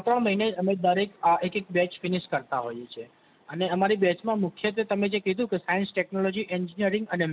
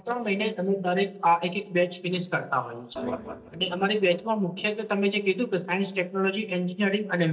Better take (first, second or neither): first